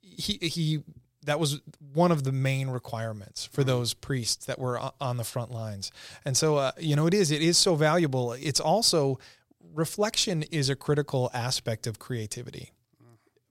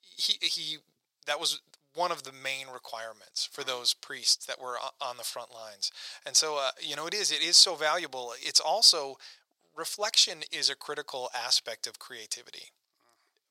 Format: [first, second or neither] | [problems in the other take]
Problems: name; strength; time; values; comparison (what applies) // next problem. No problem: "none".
first | thin; very; fading below 800 Hz